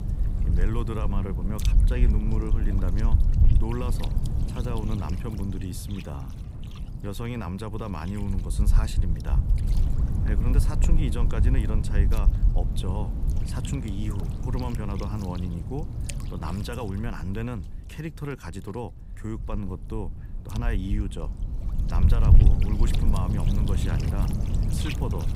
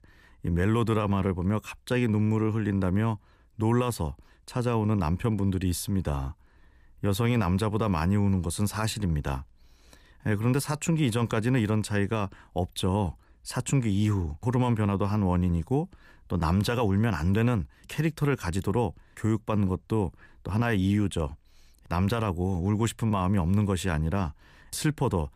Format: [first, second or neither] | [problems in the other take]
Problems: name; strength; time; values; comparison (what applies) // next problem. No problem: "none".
second | wind noise on the microphone; heavy; 3 dB below the speech